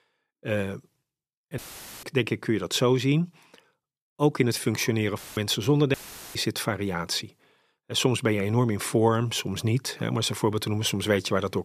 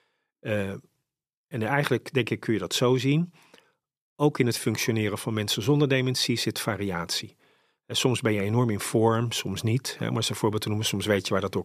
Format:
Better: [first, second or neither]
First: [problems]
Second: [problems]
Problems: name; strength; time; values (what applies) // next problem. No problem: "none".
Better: second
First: audio cutting out; filled with static; at 1.5 s, at 5 s and at 6 s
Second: none